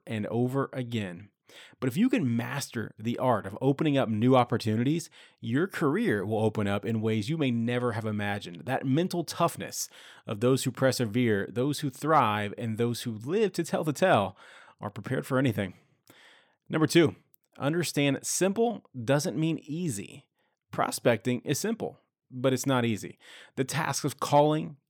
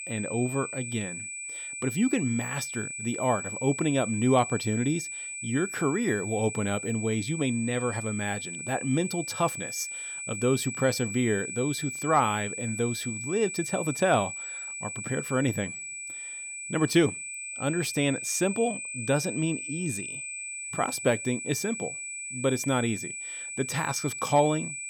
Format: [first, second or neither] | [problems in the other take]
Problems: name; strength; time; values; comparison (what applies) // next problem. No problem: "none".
first | high-pitched whine; loud; throughout; 2.5 kHz, 6 dB below the speech